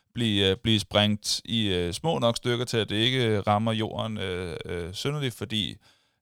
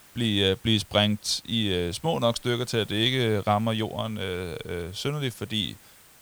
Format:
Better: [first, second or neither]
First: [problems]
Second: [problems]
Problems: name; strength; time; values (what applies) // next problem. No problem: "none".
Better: first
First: none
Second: hiss; faint; throughout; 25 dB below the speech